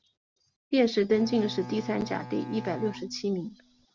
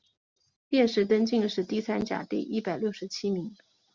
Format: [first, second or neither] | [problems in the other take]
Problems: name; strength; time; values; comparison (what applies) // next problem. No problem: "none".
second | background sound (Bowed string instrument); 13 dB below the speech